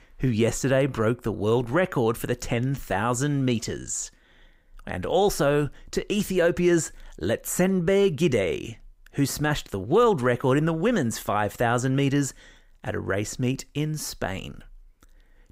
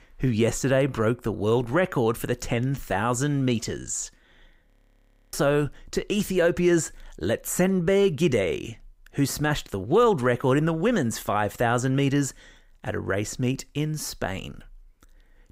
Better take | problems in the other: first | audio freezing; at 4.5 s for 0.5 s

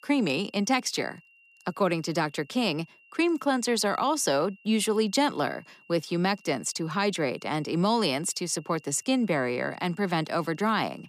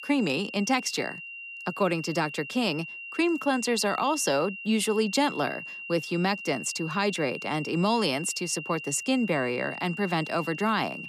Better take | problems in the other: first | high-pitched whine; loud; throughout; 3 kHz, 10 dB below the speech; faint in the first

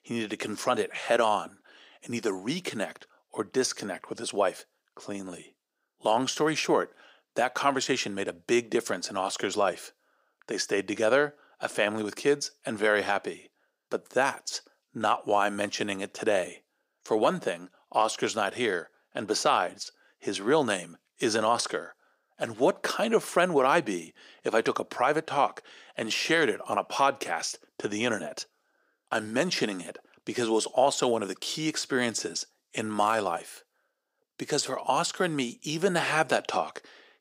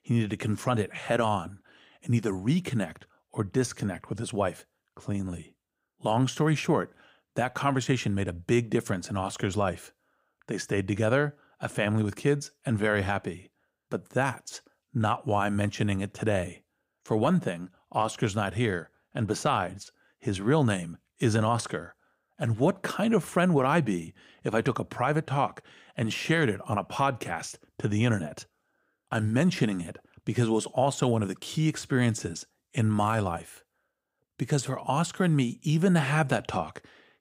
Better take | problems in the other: second | thin; somewhat; fading below 400 Hz

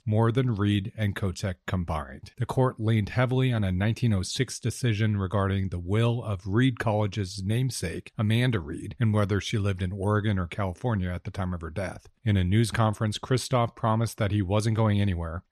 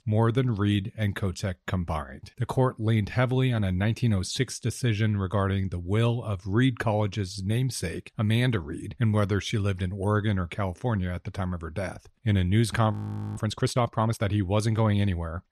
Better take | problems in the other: first | audio freezing; at 13 s

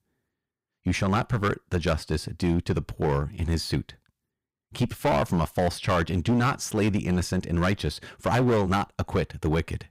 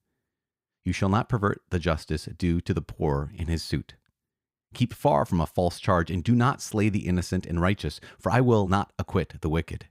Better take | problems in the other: second | distortion; heavy; 11% of the sound clipped

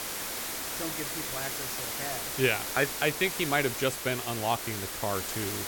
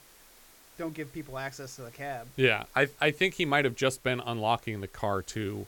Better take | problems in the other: second | hiss; loud; throughout; 2 dB below the speech; faint in the second

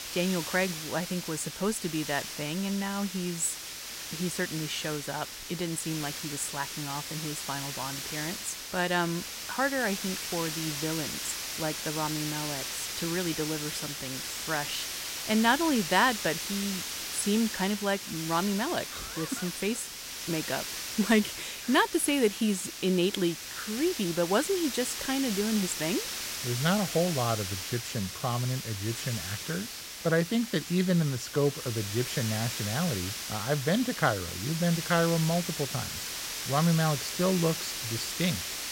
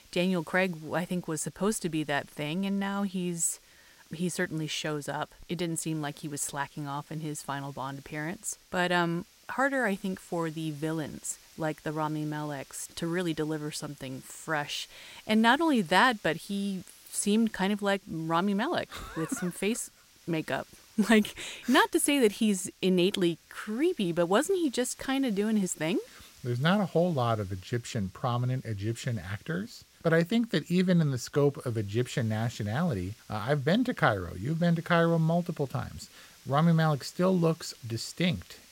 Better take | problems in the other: second | hiss; loud; throughout; 4 dB below the speech; faint in the second

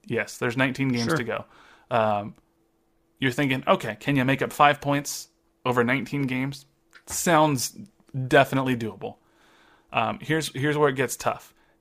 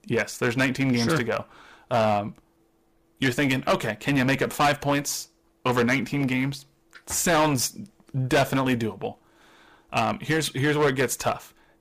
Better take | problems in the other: first | distortion; heavy; 8% of the sound clipped

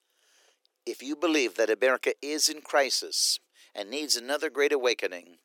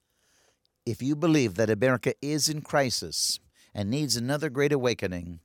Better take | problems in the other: second | thin; somewhat; fading below 350 Hz

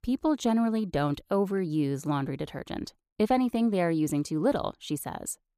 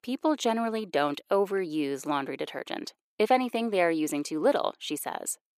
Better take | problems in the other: first | thin; somewhat; fading below 400 Hz

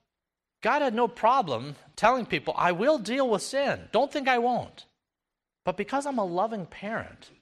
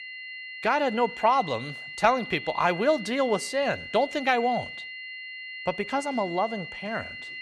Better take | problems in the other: first | high-pitched whine; noticeable; throughout; 2 kHz, 10 dB below the speech

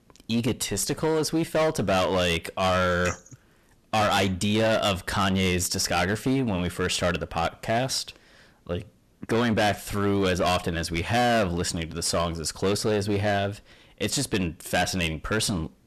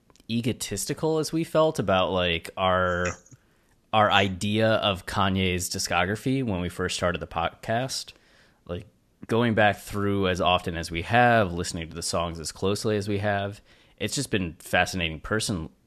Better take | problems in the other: second | distortion; heavy; 14% of the sound clipped

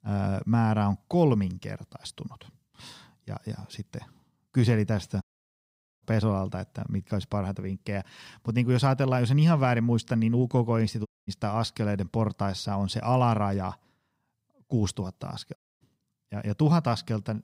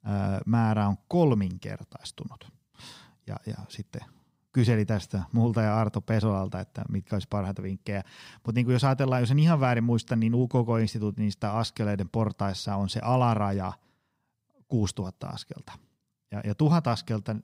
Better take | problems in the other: second | audio cutting out; at 5 s for 1 s, at 11 s and at 16 s

